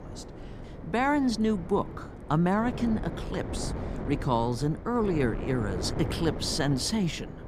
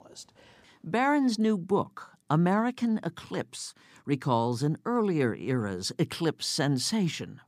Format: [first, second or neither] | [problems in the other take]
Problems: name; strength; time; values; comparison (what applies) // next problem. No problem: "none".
second | wind noise on the microphone; occasional gusts; 10 dB below the speech